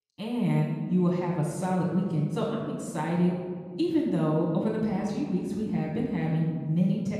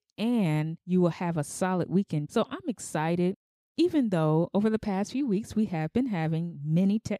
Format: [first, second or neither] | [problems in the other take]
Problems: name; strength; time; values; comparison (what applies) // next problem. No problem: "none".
second | off-mic speech; far // room echo; noticeable; dies away in 1.8 s